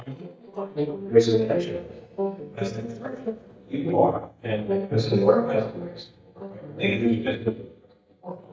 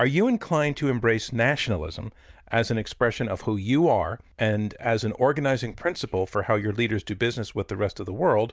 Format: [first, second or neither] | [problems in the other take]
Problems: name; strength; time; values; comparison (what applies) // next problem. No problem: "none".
second | noise reduction (neural mask model DeepFilterNet 3)